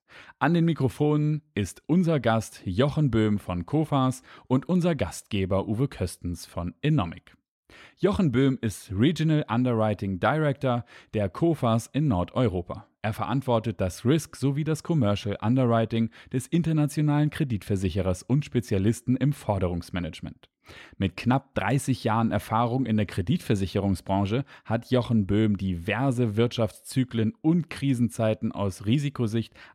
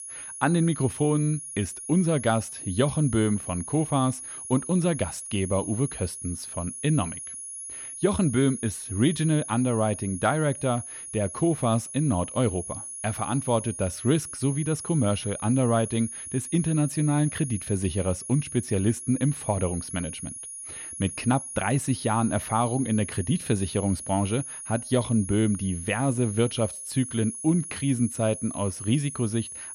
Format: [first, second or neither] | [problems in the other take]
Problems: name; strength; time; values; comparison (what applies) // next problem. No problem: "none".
first | high-pitched whine; loud; throughout; 10.5 kHz, 9 dB below the speech